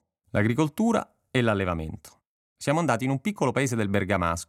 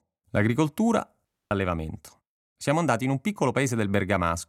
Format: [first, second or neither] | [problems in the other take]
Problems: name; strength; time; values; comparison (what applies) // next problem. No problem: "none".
first | audio cutting out; at 1.5 s